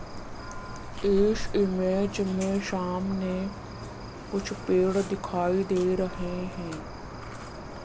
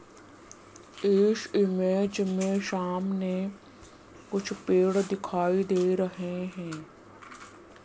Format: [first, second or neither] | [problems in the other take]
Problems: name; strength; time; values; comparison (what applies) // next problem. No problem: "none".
second | background sound (Church bell + Cricket); 9 dB below the speech